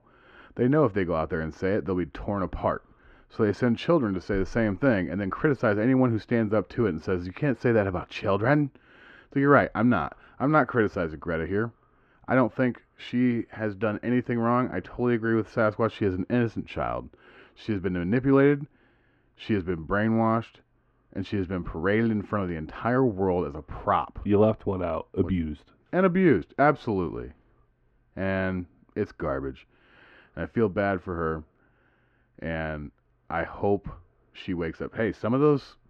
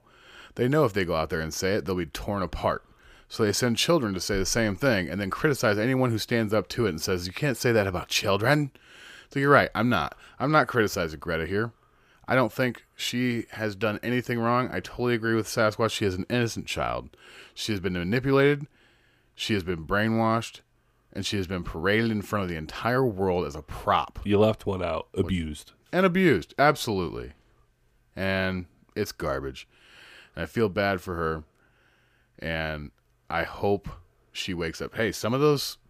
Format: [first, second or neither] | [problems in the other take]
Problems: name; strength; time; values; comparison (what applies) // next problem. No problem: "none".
second | muffled; very; fading above 1.5 kHz